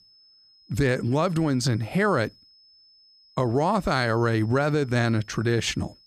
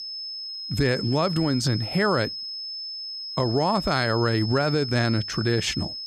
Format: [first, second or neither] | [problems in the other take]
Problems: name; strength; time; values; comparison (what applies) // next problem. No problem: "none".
first | high-pitched whine; loud; throughout; 5 kHz, 7 dB below the speech; faint in the first